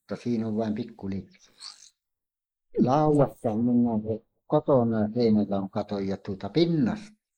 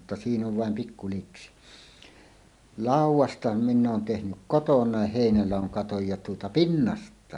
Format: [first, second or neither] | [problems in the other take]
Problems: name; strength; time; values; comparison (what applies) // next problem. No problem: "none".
second | noise reduction (neural mask model Resemble Enhance denoiser)